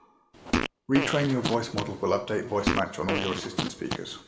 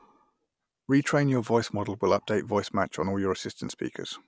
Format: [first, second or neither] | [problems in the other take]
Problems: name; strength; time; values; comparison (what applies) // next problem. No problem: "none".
second | background sound (Fart); 2 dB below the speech // room echo; dies away in 1.7 s